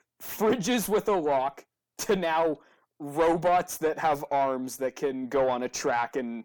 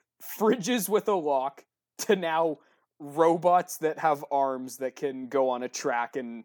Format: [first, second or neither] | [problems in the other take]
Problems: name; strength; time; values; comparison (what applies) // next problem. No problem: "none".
second | distortion; slight; 10 dB below the speech